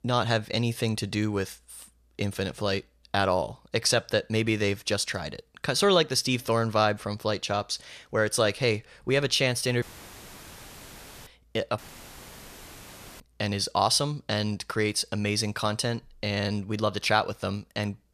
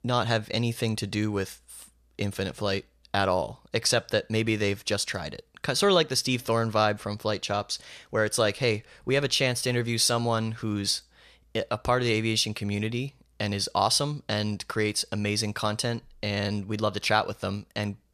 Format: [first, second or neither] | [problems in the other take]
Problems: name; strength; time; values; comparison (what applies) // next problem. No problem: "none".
second | audio cutting out; filled with static; at 10 s for 1.5 s and at 12 s for 1.5 s